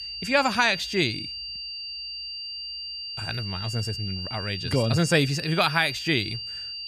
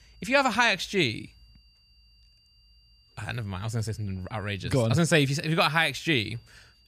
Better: second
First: high-pitched whine; loud; throughout; 4.5 kHz, 7 dB below the speech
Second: high-pitched whine; faint; throughout; 4.5 kHz, 35 dB below the speech

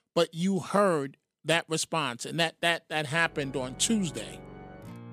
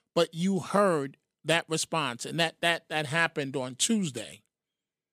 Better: second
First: background music; noticeable; from 3.5 s on; 20 dB below the speech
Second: none

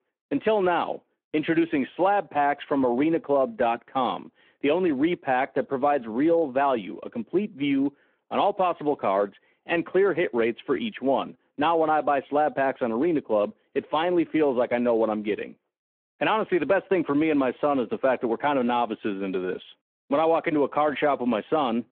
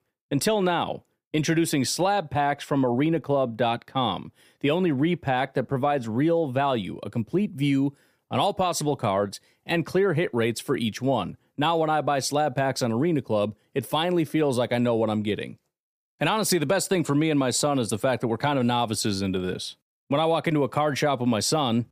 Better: second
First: phone-call audio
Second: none

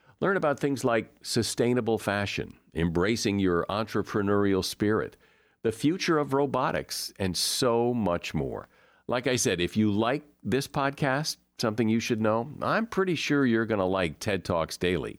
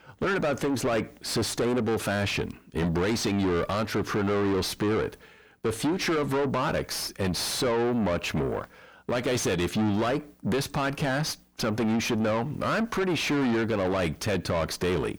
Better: first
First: none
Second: distortion; heavy; 5 dB below the speech

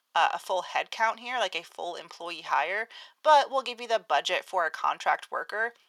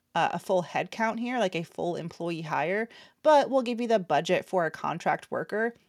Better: second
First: thin; very; fading below 750 Hz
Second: none

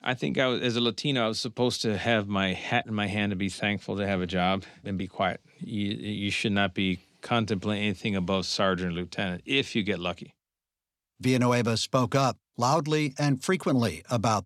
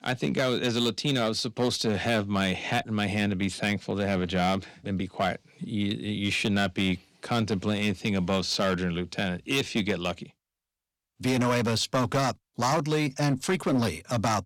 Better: first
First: none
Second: distortion; slight; 6% of the sound clipped

